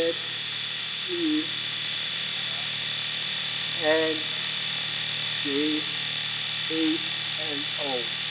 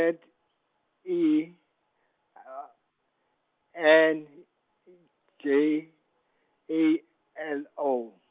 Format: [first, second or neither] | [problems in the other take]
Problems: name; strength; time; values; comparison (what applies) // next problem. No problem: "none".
second | background sound (Domestic sounds, home sounds); 3 dB above the speech // room echo; dies away in 0.6 s